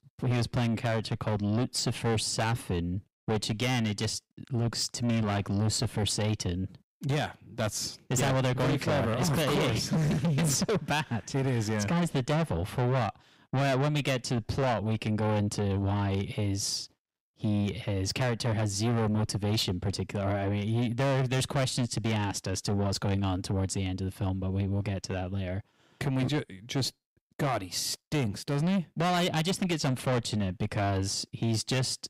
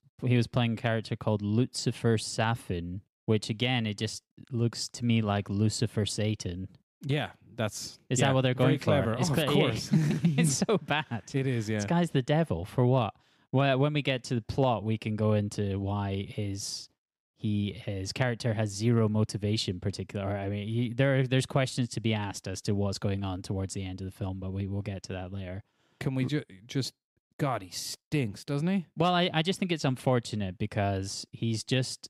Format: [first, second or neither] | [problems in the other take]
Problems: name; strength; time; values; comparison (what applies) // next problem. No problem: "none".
second | distortion; heavy; 6 dB below the speech